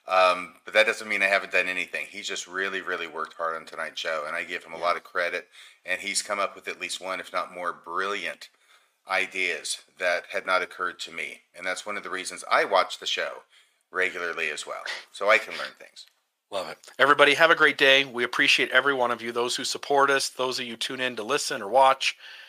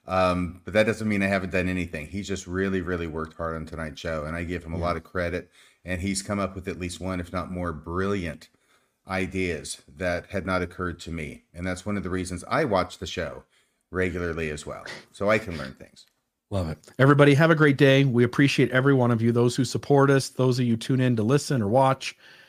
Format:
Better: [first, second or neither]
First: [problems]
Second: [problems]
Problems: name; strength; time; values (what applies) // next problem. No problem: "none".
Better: second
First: thin; very; fading below 750 Hz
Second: none